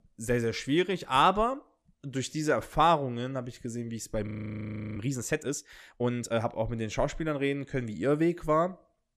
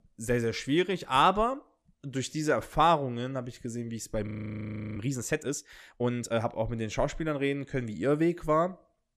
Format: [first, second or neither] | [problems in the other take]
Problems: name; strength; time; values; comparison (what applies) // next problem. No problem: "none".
neither | audio freezing; at 4.5 s for 0.5 s; the same in both